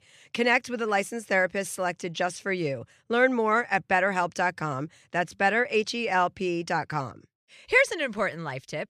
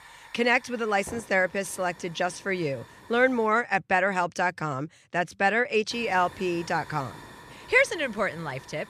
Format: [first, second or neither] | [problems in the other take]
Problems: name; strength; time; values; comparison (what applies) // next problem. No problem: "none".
first | hiss; faint; until 3.5 s and from 6 s on; 20 dB below the speech